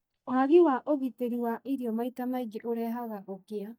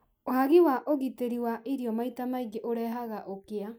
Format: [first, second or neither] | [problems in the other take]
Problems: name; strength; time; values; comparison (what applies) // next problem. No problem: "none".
second | noise reduction (neural mask model DeepFilterNet 3)